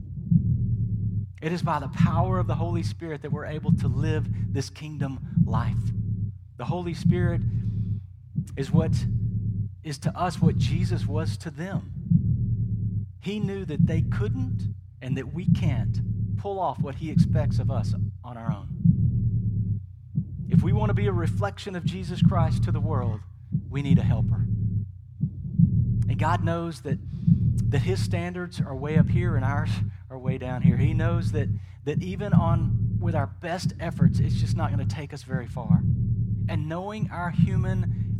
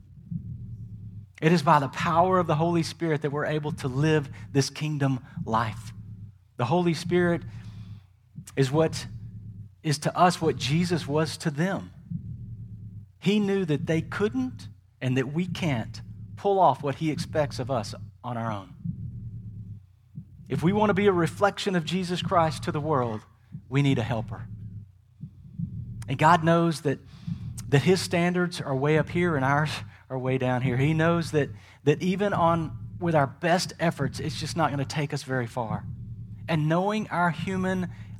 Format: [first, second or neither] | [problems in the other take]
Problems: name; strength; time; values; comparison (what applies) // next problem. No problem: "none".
second | low rumble; loud; throughout; 4 dB below the speech; faint in the second